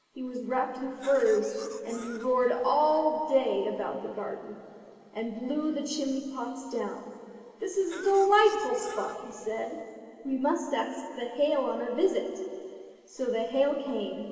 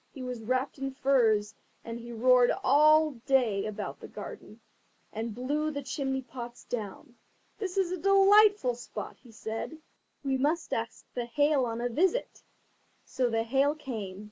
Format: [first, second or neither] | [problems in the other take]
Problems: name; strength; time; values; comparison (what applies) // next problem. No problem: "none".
second | background sound (Cough); 17 dB below the speech // room echo; dies away in 2.5 s